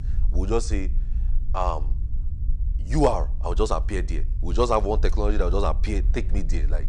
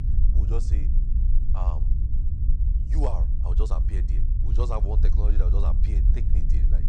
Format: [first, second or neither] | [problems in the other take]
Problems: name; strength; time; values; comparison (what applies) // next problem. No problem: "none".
first | low rumble; loud; throughout; 6 dB below the speech; faint in the first